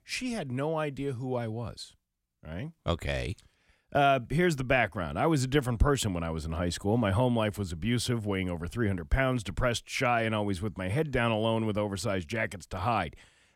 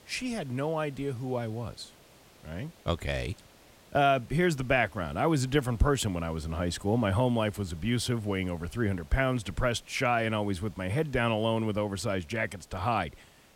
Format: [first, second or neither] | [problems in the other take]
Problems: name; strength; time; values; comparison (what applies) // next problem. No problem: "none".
first | hiss; faint; throughout; 25 dB below the speech